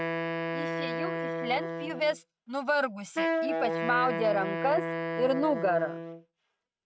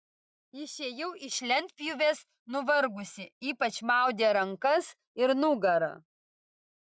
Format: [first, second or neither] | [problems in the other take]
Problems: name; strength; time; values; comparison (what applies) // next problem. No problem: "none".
second | noise reduction (neural mask model RNNoise)